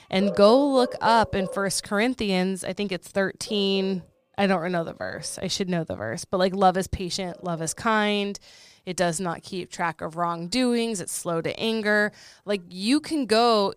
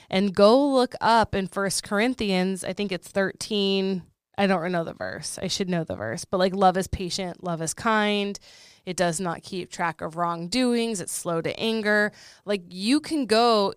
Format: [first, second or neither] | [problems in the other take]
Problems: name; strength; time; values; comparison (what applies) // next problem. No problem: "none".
second | animal sounds; noticeable; throughout; 15 dB below the speech